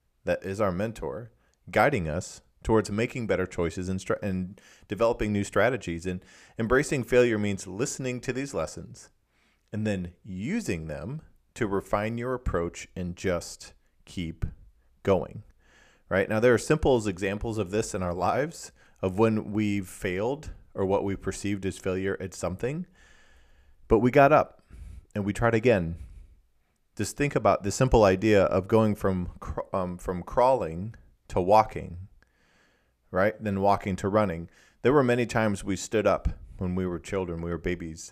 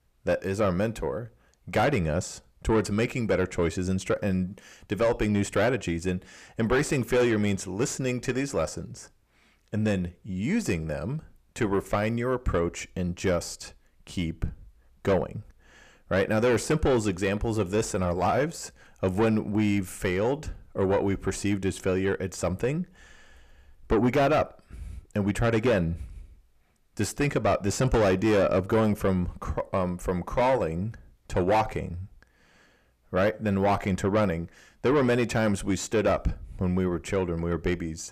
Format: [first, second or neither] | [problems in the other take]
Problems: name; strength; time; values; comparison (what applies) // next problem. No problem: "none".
first | distortion; heavy; 8 dB below the speech